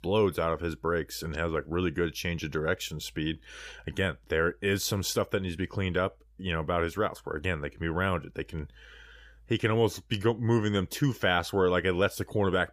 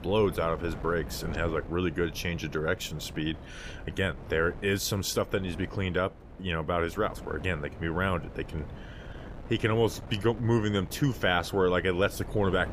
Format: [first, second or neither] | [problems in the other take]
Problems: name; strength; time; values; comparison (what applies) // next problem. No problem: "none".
first | wind noise on the microphone; occasional gusts; 20 dB below the speech